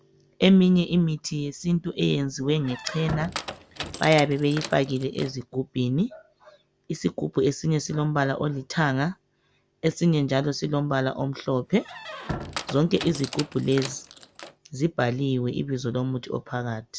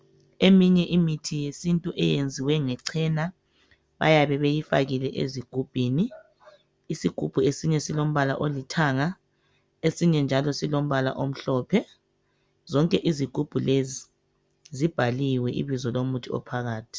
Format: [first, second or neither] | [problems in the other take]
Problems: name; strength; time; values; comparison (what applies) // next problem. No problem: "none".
second | background sound (Squeak); 11 dB below the speech